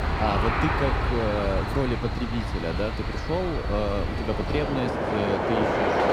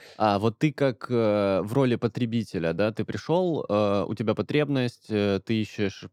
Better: second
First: train or aircraft noise; very loud; throughout; 2 dB above the speech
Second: none

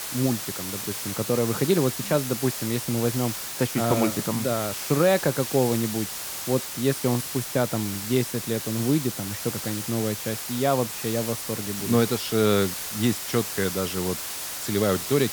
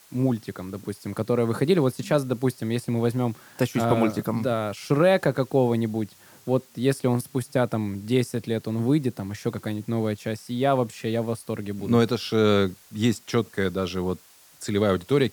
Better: second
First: hiss; loud; throughout; 5 dB below the speech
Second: hiss; faint; throughout; 25 dB below the speech

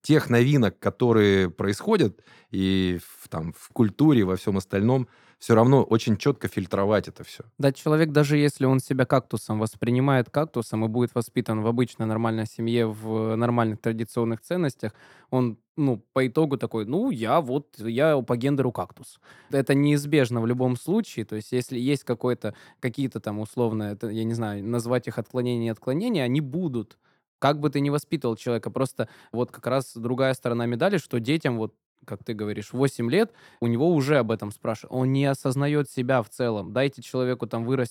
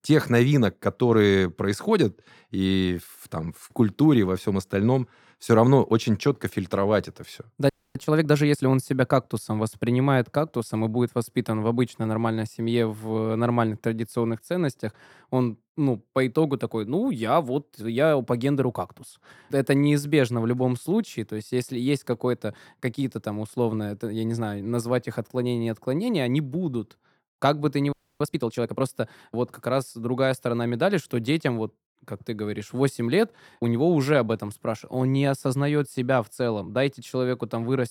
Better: first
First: none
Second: audio freezing; at 7.5 s and at 28 s

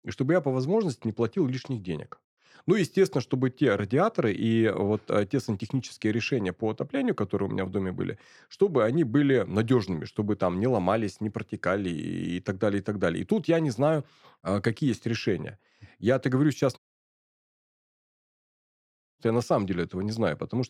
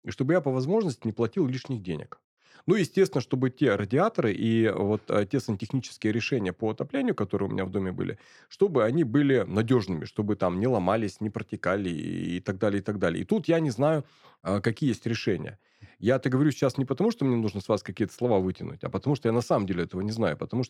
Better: second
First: audio cutting out; at 17 s for 2.5 s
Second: none

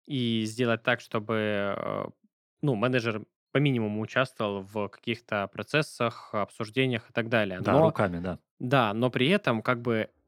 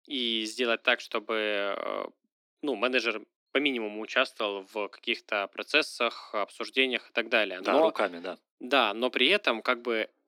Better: first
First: none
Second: thin; somewhat; fading below 250 Hz

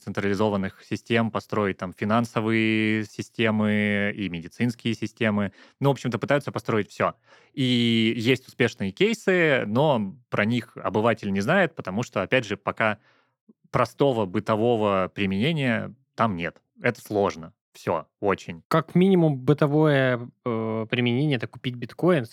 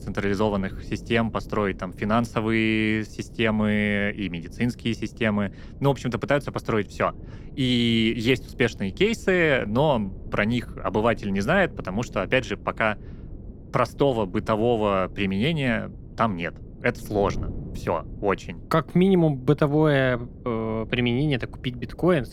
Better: first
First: none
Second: wind noise on the microphone; occasional gusts; 25 dB below the speech

